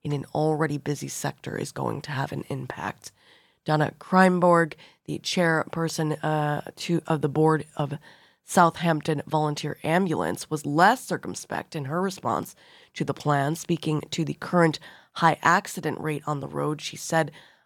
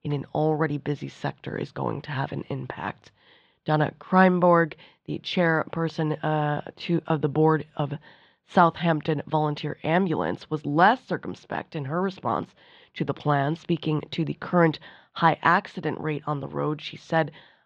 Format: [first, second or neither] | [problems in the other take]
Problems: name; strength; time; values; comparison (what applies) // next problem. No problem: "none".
first | muffled; slightly; fading above 3.5 kHz